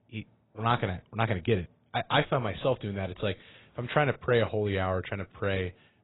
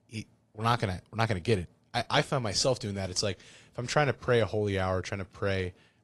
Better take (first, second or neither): second